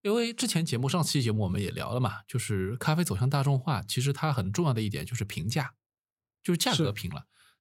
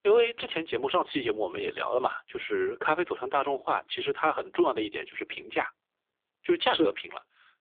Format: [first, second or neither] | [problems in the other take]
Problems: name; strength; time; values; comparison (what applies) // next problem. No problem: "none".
first | phone-call audio; poor line